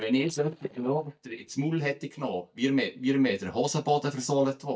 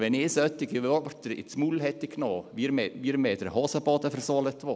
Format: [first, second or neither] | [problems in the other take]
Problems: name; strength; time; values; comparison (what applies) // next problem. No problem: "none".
second | noise reduction (neural mask model DeepFilterNet 3)